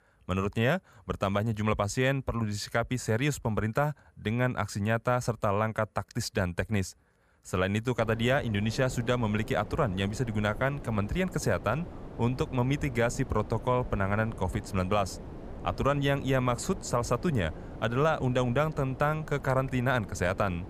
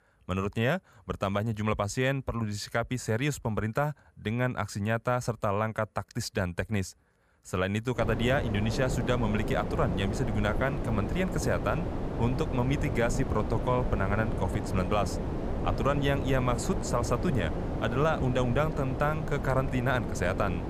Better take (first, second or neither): first